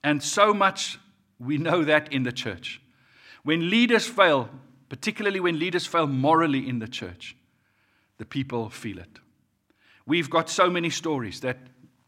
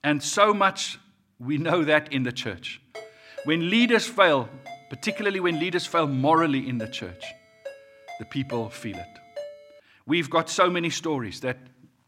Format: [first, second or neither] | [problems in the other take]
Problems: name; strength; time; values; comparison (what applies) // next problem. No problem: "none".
first | phone ringing; faint; from 3 to 10 s; peak 15 dB below the speech